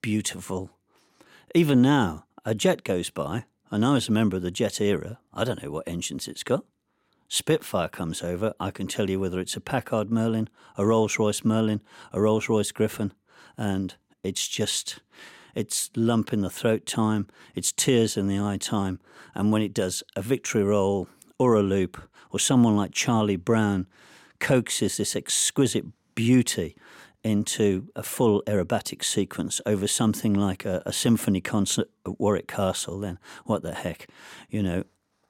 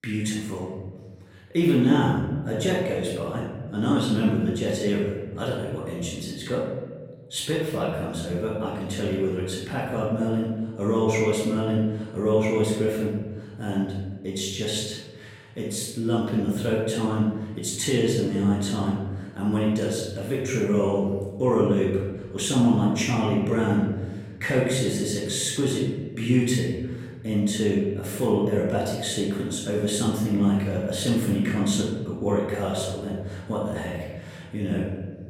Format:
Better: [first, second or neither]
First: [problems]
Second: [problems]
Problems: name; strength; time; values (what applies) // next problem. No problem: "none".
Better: first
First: none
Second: room echo; noticeable; dies away in 1.6 s // off-mic speech; far